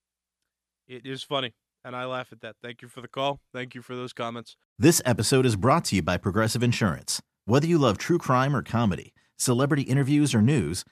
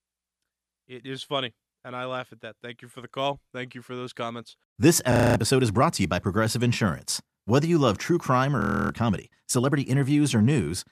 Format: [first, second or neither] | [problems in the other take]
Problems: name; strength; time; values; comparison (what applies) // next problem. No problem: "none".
first | audio freezing; at 5 s and at 8.5 s